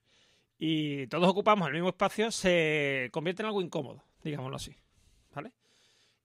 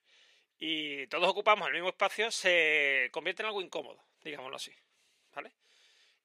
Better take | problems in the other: first | thin; very; fading below 500 Hz

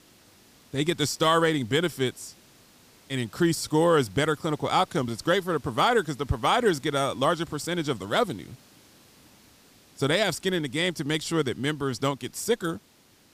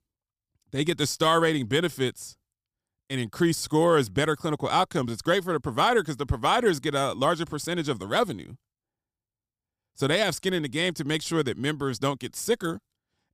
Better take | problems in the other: second | hiss; faint; throughout; 30 dB below the speech

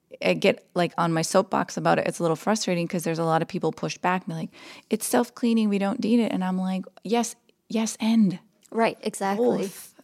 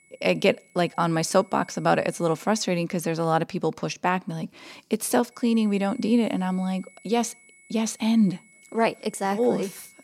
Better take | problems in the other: first | high-pitched whine; faint; until 2.5 s and from 5.5 s on; 2 kHz, 25 dB below the speech

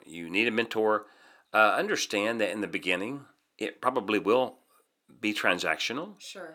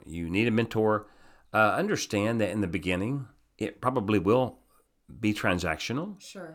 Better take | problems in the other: second | thin; somewhat; fading below 350 Hz

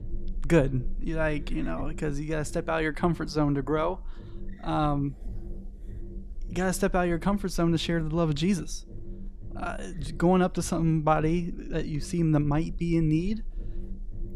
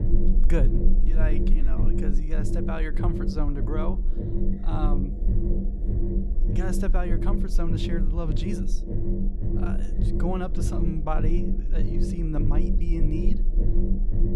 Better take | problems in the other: first | low rumble; loud; throughout; 2 dB below the speech; faint in the first

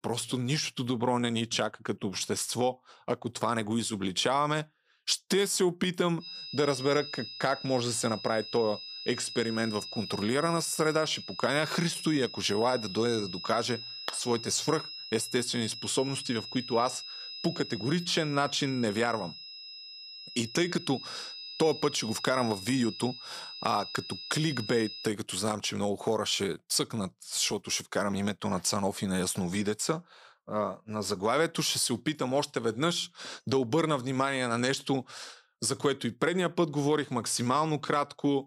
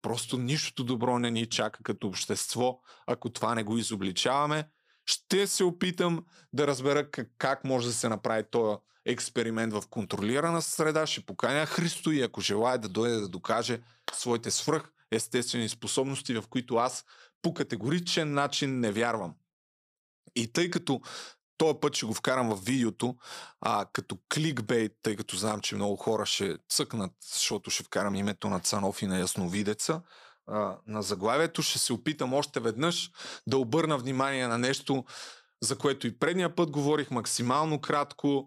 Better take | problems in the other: second | high-pitched whine; loud; from 6 to 25 s; 5 kHz, 10 dB below the speech

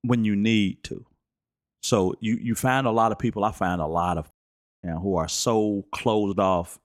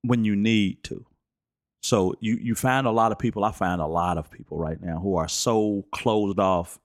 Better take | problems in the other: second | audio cutting out; at 4.5 s for 0.5 s

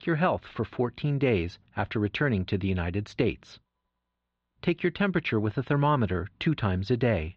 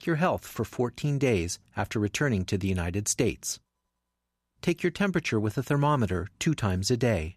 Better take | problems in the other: second | muffled; very; fading above 4 kHz

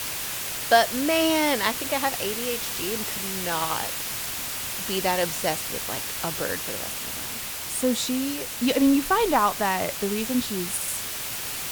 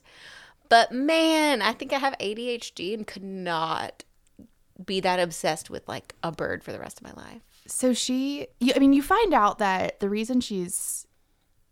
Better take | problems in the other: second | hiss; loud; throughout; 3 dB below the speech

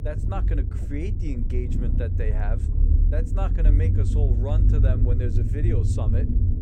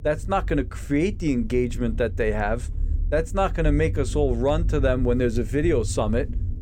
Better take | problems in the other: second | low rumble; loud; throughout; 3 dB below the speech; faint in the second

